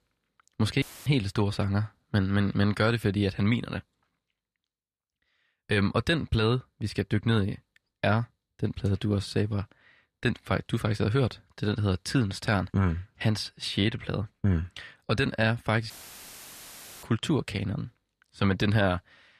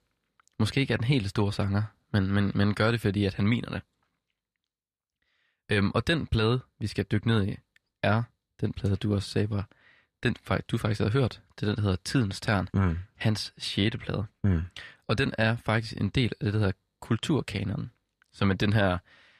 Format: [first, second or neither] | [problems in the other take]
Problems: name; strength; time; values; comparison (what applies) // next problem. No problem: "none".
second | audio cutting out; filled with static; at 1 s and at 16 s for 1 s